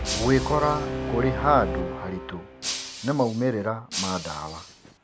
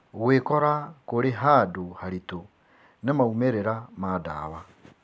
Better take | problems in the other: second | background sound (Shatter + Brass instrument); 5 dB below the speech

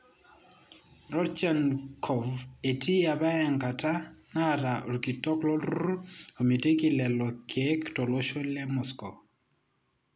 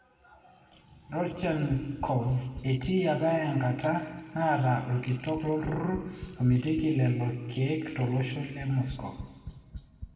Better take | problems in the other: first | background sound (Tap); 16 dB below the speech // room echo; dies away in 1.5 s

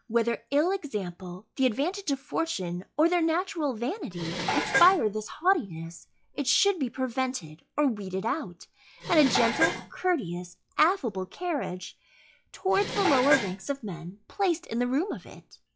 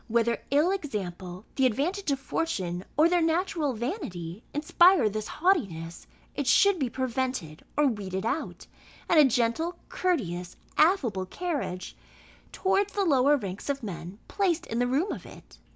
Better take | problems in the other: second | noise reduction (classical method log-MMSE)

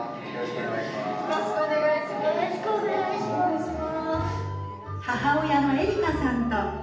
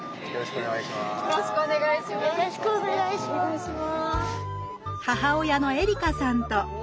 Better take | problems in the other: second | room echo; dies away in 0.8 s

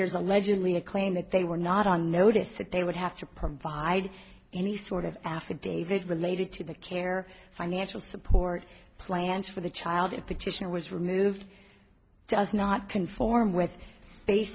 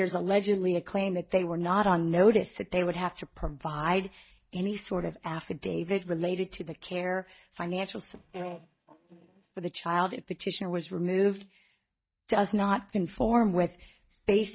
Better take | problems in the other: first | noise reduction (neural mask model DeepFilterNet 3)

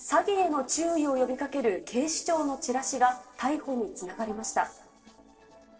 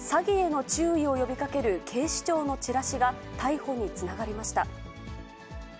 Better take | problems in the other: second | noise reduction (neural separator model SepFormer DNS4)

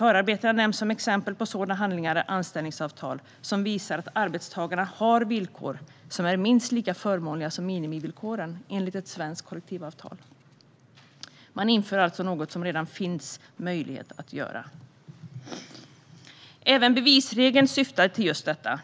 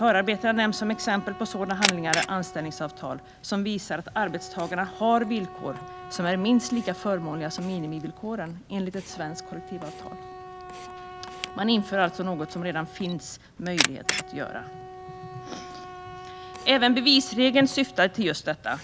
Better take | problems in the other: first | background sound (Wind instrument, woodwind instrument + Camera); 9 dB below the speech

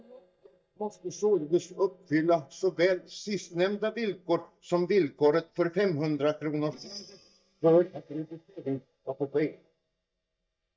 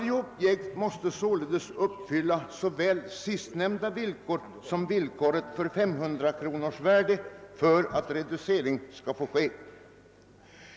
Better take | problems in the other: second | noise reduction (neural mask model DeepFilterNet 3)

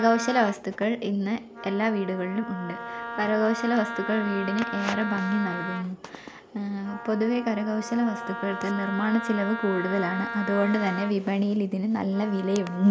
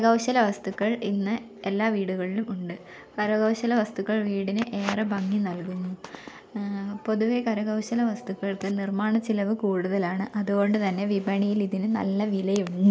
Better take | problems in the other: second | background sound (Wind instrument, woodwind instrument); 9 dB below the speech

